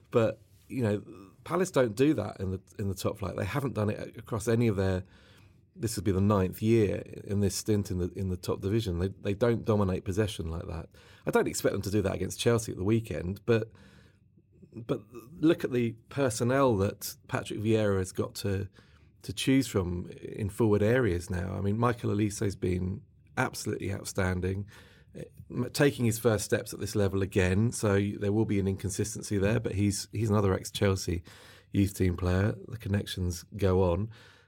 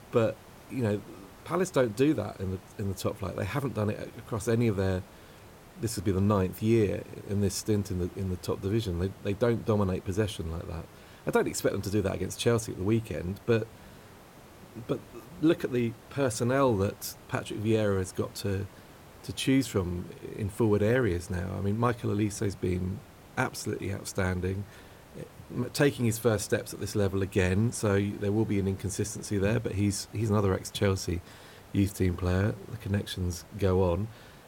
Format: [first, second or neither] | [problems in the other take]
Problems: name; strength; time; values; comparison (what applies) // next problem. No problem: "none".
first | hiss; faint; throughout; 20 dB below the speech